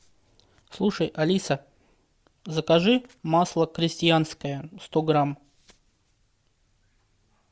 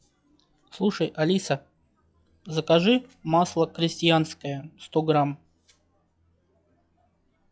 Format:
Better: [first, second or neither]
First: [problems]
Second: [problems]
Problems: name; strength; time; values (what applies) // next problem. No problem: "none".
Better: first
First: none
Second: noise reduction (classical method log-MMSE)